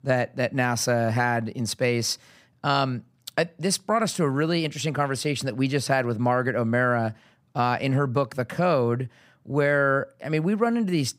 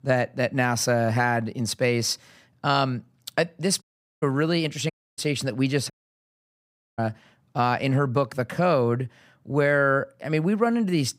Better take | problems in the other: first | audio cutting out; at 4 s, at 5 s and at 6 s for 1 s

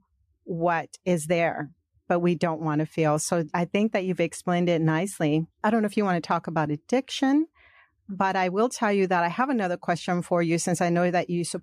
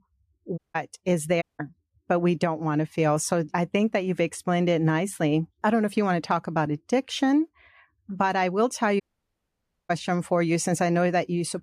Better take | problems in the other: first | audio cutting out; at 0.5 s, at 1.5 s and at 9 s for 1 s

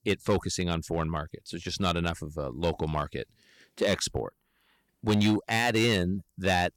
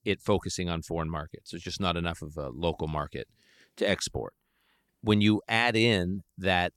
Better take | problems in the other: second | distortion; slight; 4% of the sound clipped

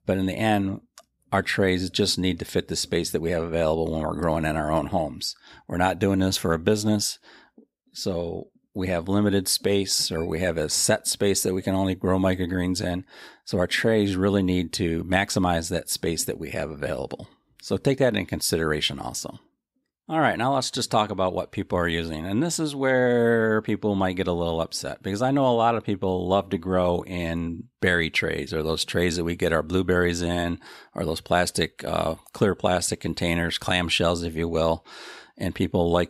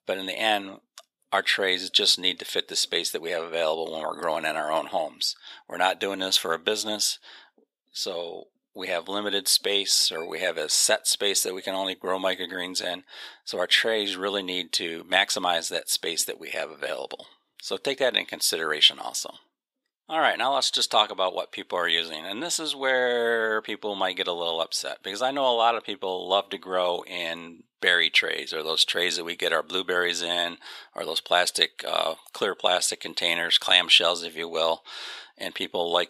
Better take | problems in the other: first | thin; somewhat; fading below 550 Hz

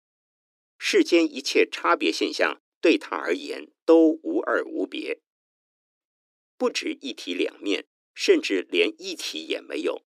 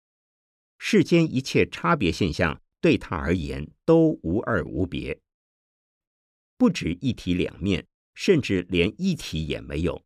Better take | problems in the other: second | thin; somewhat; fading below 300 Hz

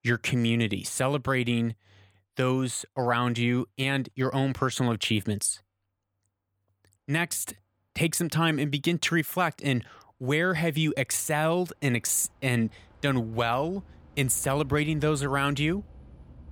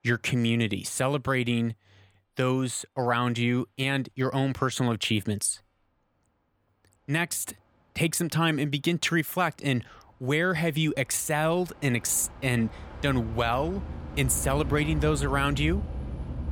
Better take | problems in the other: first | train or aircraft noise; loud; throughout; 10 dB below the speech; faint in the first

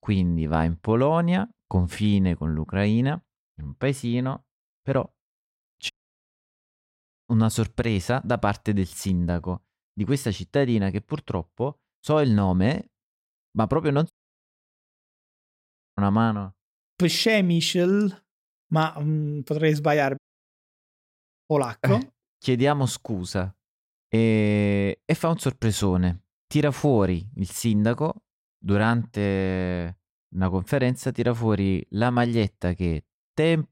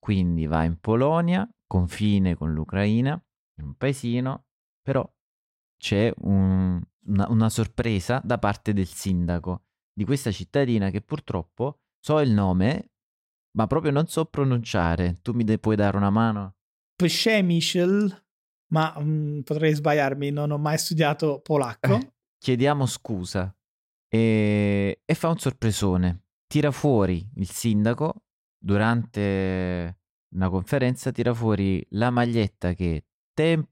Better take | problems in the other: second | audio cutting out; at 6 s for 1.5 s, at 14 s for 2 s and at 20 s for 1.5 s

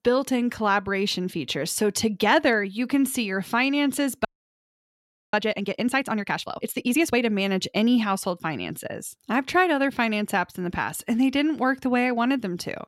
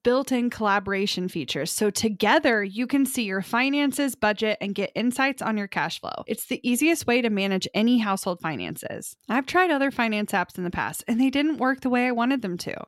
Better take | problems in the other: second | audio freezing; at 4.5 s for 1 s

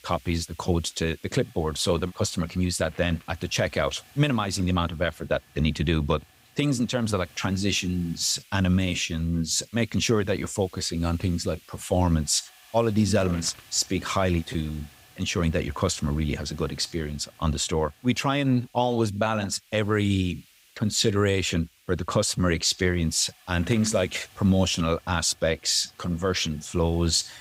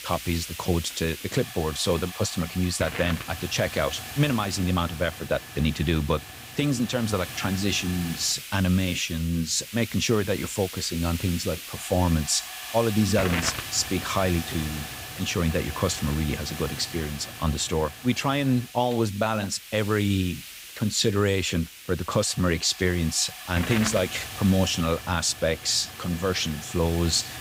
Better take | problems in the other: first | hiss; loud; throughout; 10 dB below the speech; faint in the first

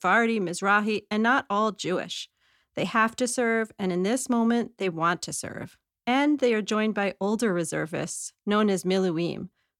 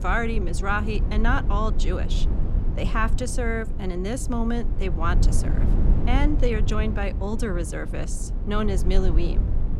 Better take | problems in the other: first | low rumble; noticeable; throughout; 10 dB below the speech

